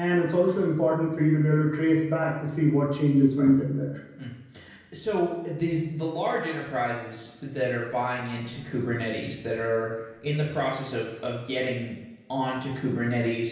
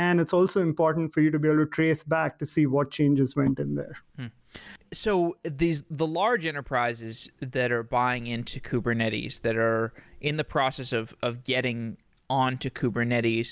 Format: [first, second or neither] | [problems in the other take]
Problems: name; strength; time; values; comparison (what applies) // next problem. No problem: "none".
second | room echo; dies away in 0.9 s